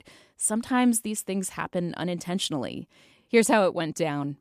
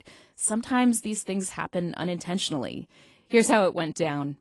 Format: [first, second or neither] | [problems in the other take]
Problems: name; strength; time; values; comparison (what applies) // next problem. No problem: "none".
first | garbled, watery; slightly; nothing above 10.5 kHz